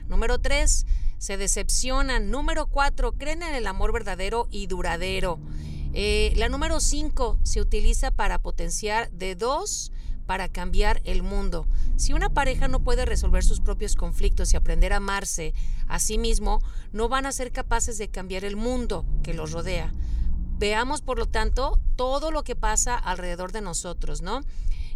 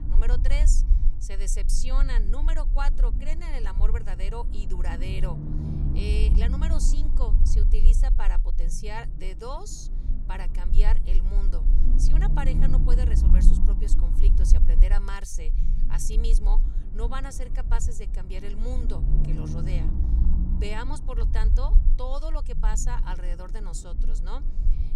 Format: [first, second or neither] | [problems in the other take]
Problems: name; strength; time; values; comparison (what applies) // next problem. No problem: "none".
first | low rumble; loud; throughout; 6 dB below the speech; faint in the first